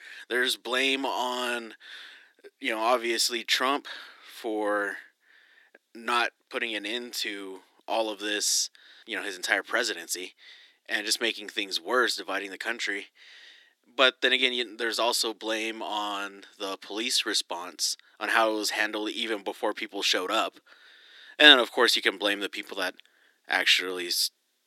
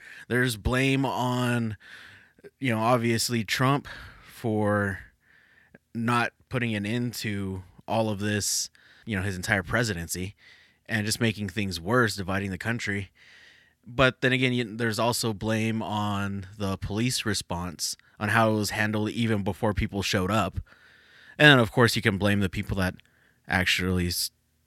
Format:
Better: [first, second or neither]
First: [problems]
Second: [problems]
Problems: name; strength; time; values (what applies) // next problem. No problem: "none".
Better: second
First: thin; somewhat; fading below 300 Hz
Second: none